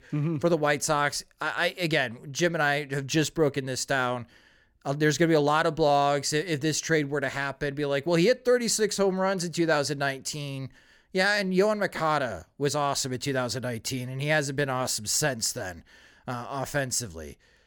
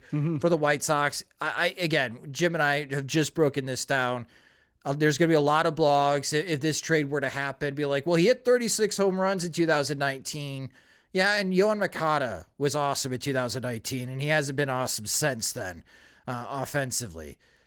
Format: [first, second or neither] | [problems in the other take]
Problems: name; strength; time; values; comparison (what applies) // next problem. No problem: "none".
first | garbled, watery; slightly; nothing above 18 kHz